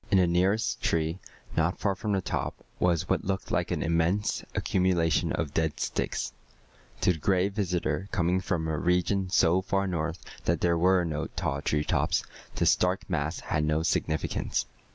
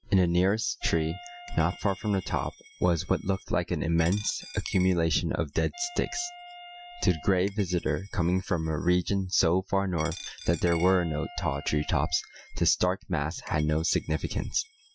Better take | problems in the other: first | noise reduction (classical method Wiener filter)

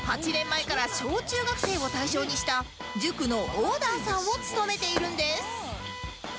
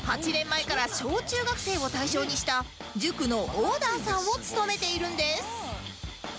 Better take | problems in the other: second | background sound (Fireworks + Alarm / Car); 10 dB below the speech

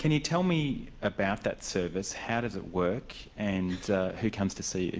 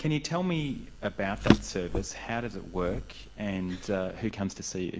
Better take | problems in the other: first | background sound (Drawer open or close); 1 dB below the speech

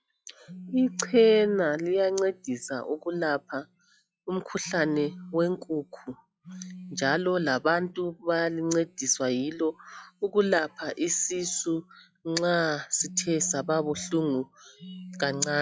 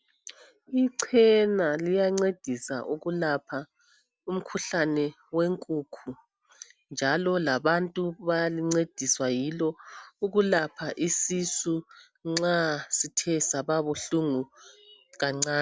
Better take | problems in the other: second | noise reduction (classical method log-MMSE)

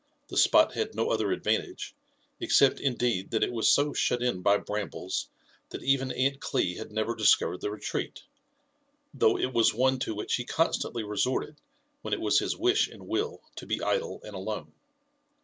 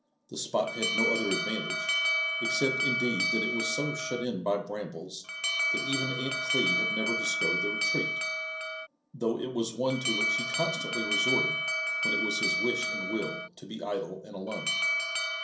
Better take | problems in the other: first | background sound (Alarm); 3 dB above the speech // room echo; dies away in 0.6 s

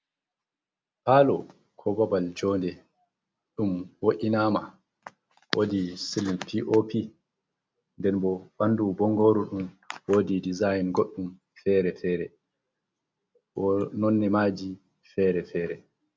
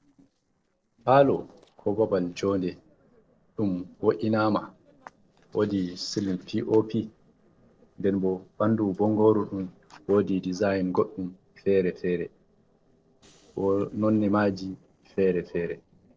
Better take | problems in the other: first | noise reduction (neural separator model SepFormer DNS4)

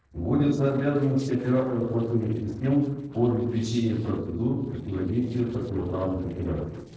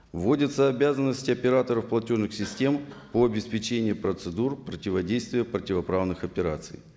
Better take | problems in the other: second | noise reduction (neural separator model SepFormer DNS4)

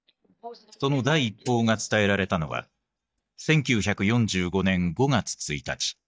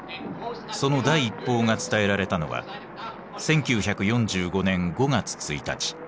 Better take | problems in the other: second | noise reduction (neural mask model DeepFilterNet 3)

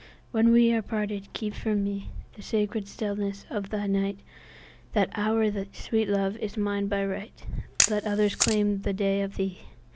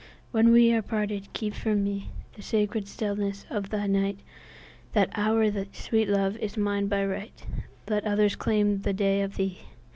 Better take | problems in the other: second | background sound (Camera); 4 dB below the speech

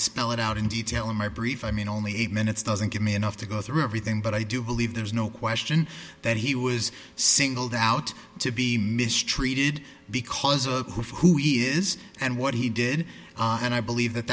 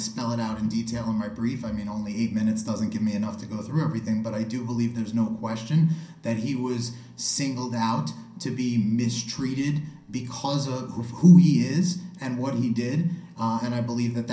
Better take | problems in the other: first | room echo; dies away in 0.6 s

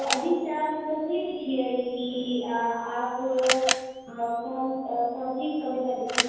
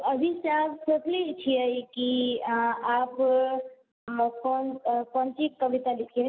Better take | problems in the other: second | background sound (Camera); 7 dB below the speech // room echo; dies away in 1.2 s

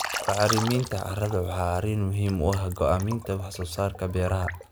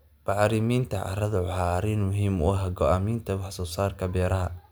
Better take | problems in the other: second | background sound (Liquid); 10 dB below the speech

